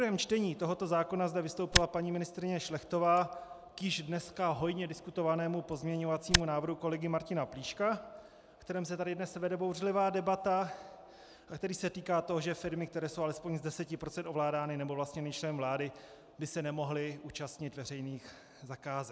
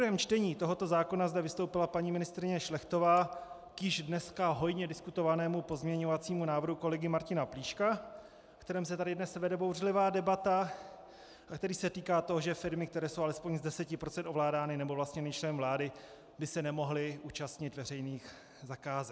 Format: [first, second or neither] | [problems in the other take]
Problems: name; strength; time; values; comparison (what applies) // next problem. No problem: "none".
second | background sound (Tick); 3 dB above the speech